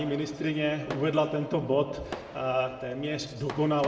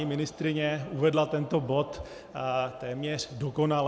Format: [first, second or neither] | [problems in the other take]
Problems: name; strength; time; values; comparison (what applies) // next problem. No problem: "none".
second | background sound (Fireworks); 16 dB below the speech // room echo; dies away in 1.1 s